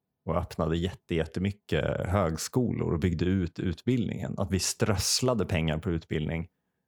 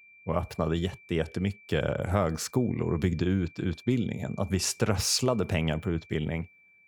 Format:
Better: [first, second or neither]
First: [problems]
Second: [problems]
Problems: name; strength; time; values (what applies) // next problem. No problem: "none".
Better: first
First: none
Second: high-pitched whine; faint; throughout; 2.5 kHz, 25 dB below the speech